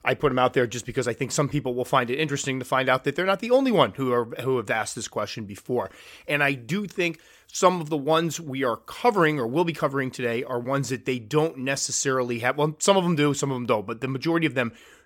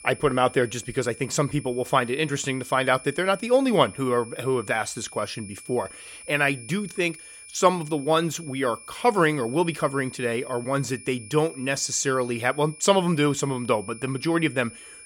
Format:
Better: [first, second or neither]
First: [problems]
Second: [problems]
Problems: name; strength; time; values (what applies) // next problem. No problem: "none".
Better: first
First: none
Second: high-pitched whine; noticeable; throughout; 9.5 kHz, 15 dB below the speech